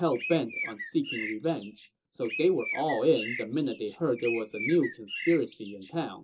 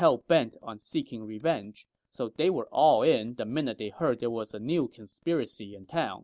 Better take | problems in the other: second | background sound (Bird); 10 dB below the speech // room echo; dies away in 0.2 s

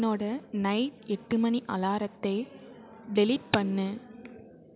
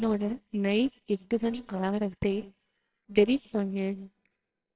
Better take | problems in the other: first | noise reduction (neural separator model SepFormer WHAMR!)

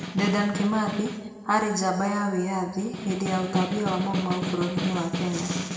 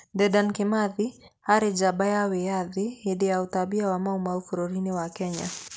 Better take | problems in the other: second | background sound (Snare drum); 6 dB below the speech // room echo; dies away in 1.5 s

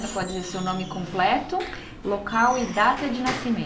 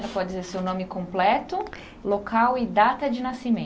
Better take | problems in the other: second | background sound (Squeak / Wood); 12 dB below the speech // room echo; dies away in 0.6 s

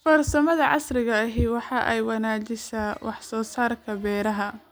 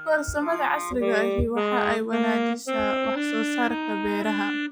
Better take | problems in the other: first | noise reduction (classical method log-MMSE)

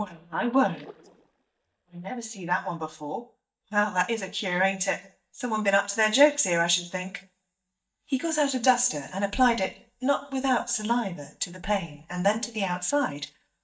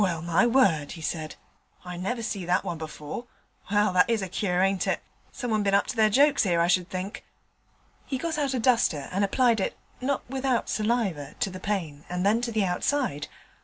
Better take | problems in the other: second | noise reduction (neural mask model DeepFilterNet 3)

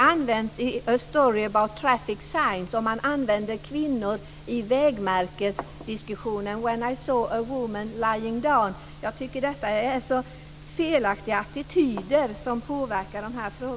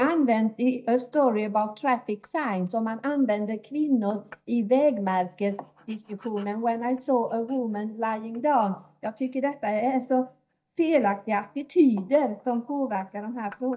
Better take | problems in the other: first | noise reduction (neural mask model DeepFilterNet 3)

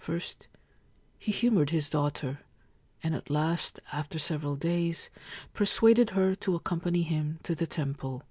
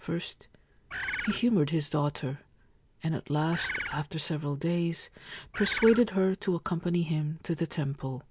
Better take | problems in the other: first | background sound (Bird); 5 dB below the speech

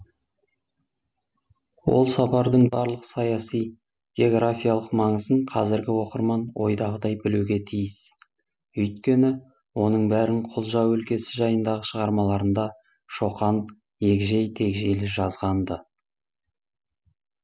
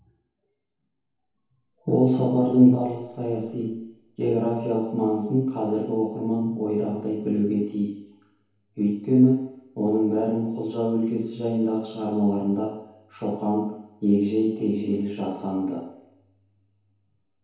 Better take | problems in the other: first | room echo; dies away in 2.2 s

